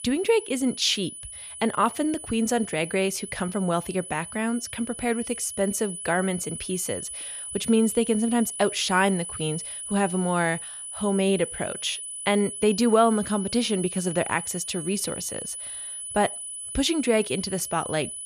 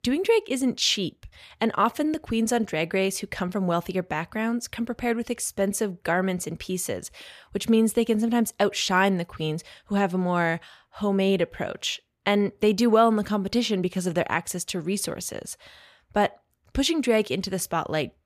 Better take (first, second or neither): second